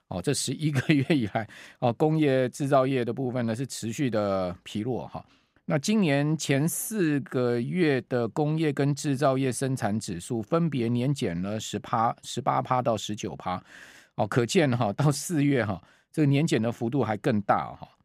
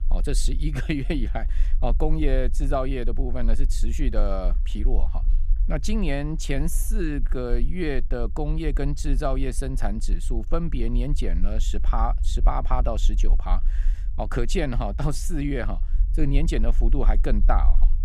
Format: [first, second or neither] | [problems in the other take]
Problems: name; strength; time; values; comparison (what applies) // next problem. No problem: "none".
first | low rumble; faint; throughout; 20 dB below the speech